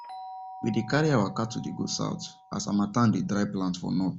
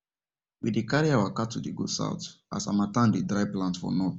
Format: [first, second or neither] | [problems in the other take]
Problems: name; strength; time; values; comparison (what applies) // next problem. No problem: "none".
second | background sound (Doorbell); 18 dB below the speech